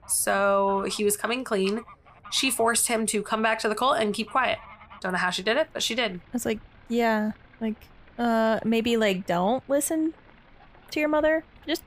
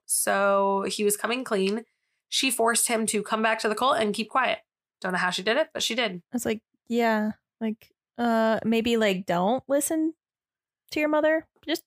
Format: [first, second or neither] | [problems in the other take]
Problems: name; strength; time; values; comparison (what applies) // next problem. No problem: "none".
second | animal sounds; faint; throughout; 25 dB below the speech